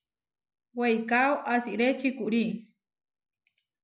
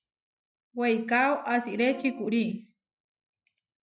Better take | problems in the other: first | noise reduction (neural mask model RNNoise)

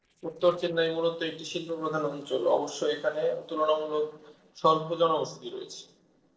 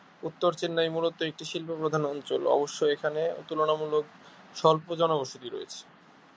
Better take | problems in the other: second | noise reduction (neural separator model SepFormer DNS4)

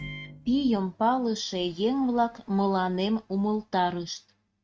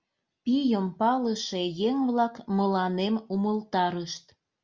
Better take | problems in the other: second | noise reduction (neural mask model RNNoise)

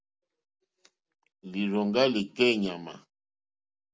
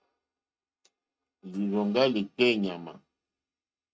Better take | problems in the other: first | noise reduction (neural mask model RNNoise)

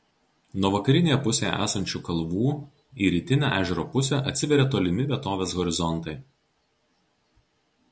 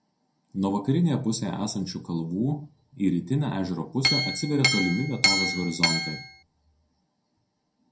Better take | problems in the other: first | background sound (Chink, clink); 2 dB above the speech // room echo; dies away in 0.2 s

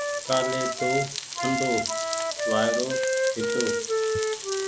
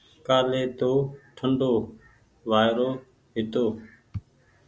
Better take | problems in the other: second | background sound (Wind instrument, woodwind instrument + Frying (food)); 4 dB above the speech

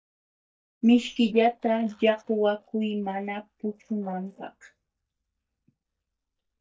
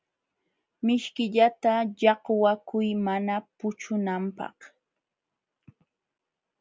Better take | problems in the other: second | noise reduction (neural mask model DeepFilterNet 3)

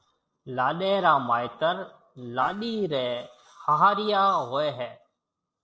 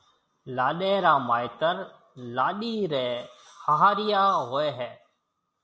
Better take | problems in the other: second | noise reduction (neural separator model SepFormer DNS4)

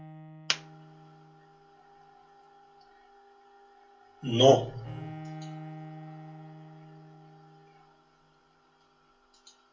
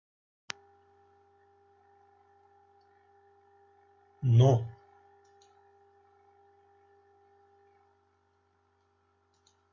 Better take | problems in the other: second | background sound (Bowed string instrument); 15 dB below the speech // room echo; dies away in 0.2 s

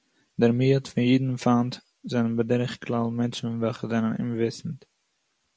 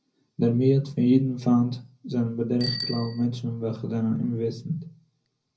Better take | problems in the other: first | background sound (Bicycle bell); 14 dB below the speech // room echo; dies away in 0.4 s

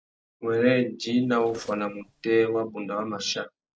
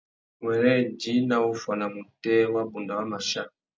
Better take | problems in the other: second | noise reduction (neural separator model SepFormer DNS4)

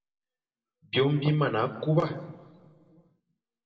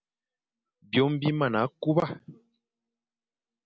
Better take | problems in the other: second | room echo; dies away in 1.3 s

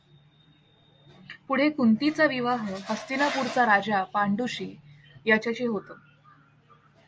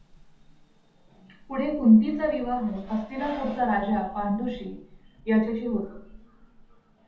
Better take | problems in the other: first | background sound (Rain); 20 dB below the speech // room echo; dies away in 0.6 s

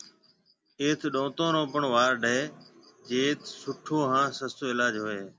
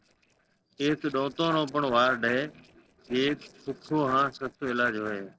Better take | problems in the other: first | noise reduction (neural separator model SepFormer DNS4)

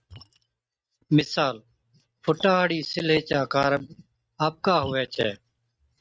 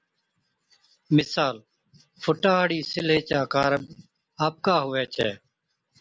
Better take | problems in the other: second | noise reduction (neural mask model RNNoise)

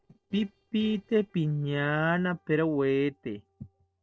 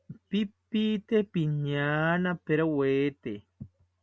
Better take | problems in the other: second | noise reduction (neural separator model SepFormer DNS4)

